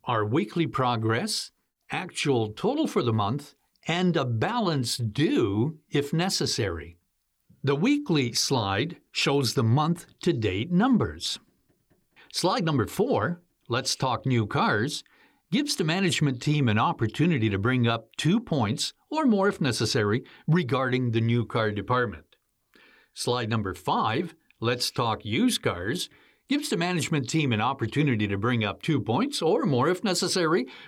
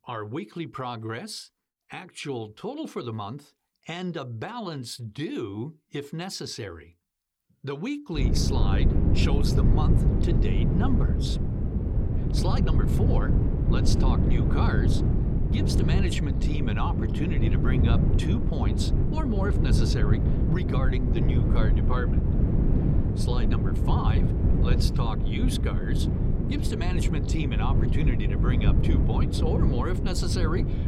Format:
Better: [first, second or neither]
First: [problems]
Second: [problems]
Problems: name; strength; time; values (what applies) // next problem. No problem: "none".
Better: first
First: none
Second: wind noise on the microphone; heavy; from 8 s on; 1 dB below the speech